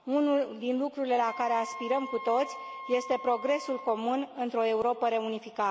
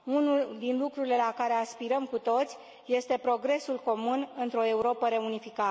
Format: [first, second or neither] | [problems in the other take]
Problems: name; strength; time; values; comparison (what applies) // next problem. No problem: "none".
second | background sound (Wind instrument, woodwind instrument); 15 dB below the speech